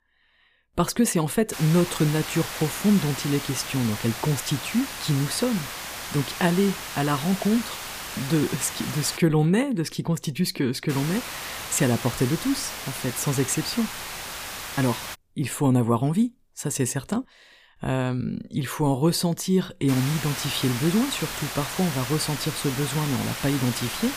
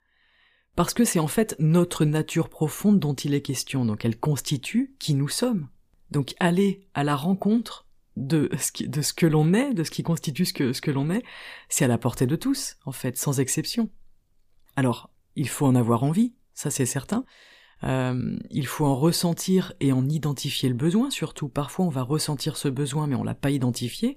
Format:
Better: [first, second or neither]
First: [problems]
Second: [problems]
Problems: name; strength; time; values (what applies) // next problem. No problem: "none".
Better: second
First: hiss; loud; from 1.5 to 9 s, from 11 to 15 s and from 20 s on; 7 dB below the speech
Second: none